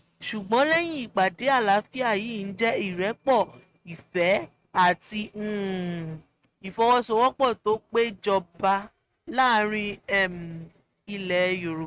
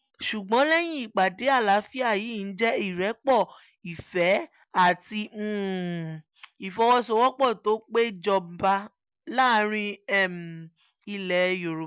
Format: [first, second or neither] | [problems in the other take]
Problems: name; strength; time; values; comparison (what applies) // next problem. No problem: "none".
second | noise reduction (neural mask model RNNoise)